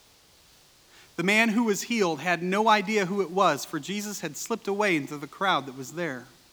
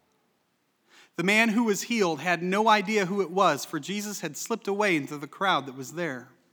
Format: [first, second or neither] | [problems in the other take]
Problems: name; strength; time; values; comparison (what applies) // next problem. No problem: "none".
second | hiss; faint; throughout; 30 dB below the speech